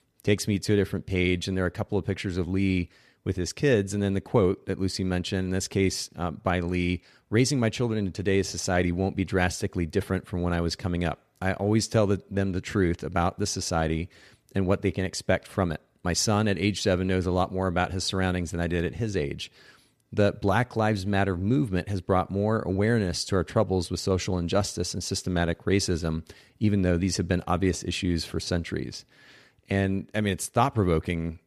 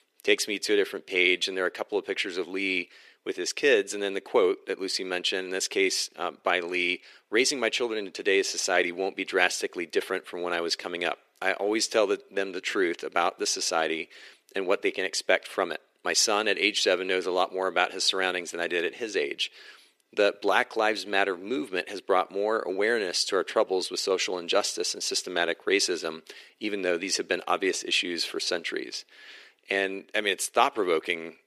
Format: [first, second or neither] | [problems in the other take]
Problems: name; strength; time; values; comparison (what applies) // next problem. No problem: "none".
first | thin; very; fading below 350 Hz